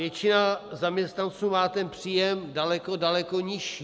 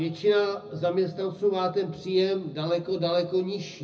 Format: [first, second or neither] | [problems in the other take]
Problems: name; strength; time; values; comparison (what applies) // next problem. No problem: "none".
first | room echo; dies away in 0.4 s